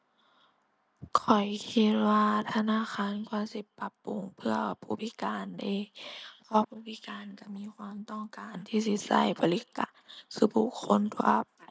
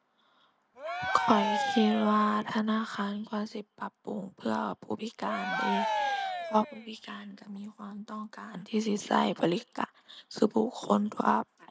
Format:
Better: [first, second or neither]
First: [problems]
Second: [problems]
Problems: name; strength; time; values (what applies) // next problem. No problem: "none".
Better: first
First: none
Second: background sound (Cheering); 2 dB below the speech